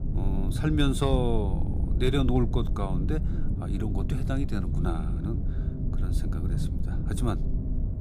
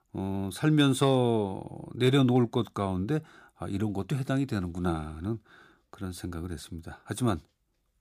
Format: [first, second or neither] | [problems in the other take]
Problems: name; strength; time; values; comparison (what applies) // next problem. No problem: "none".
second | low rumble; loud; throughout; 8 dB below the speech